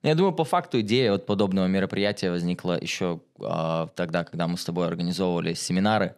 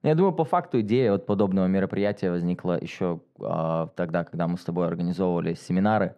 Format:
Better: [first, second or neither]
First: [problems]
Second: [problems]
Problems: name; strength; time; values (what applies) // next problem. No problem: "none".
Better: first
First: none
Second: muffled; slightly; fading above 2.5 kHz